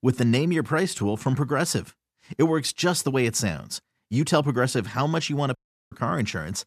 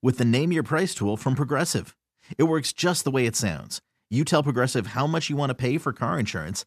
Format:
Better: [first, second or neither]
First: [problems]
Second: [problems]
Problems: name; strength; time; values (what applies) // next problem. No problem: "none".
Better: second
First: audio cutting out; at 5.5 s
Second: none